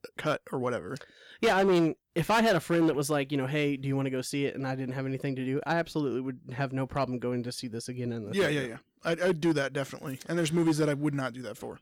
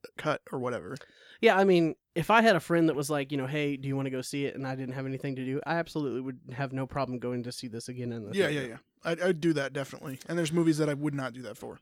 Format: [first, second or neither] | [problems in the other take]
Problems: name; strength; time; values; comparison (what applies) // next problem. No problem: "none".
second | distortion; slight; 4% of the sound clipped